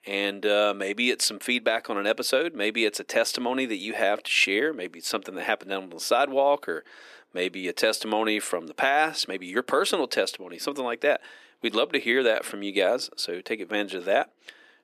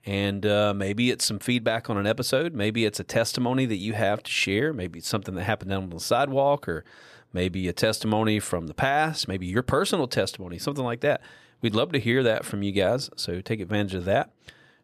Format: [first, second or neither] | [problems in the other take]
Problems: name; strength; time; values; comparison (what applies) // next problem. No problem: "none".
second | thin; somewhat; fading below 300 Hz